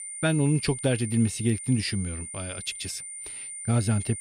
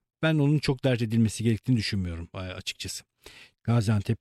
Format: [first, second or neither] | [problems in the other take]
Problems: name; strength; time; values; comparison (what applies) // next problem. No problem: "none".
second | high-pitched whine; loud; throughout; 9 kHz, 8 dB below the speech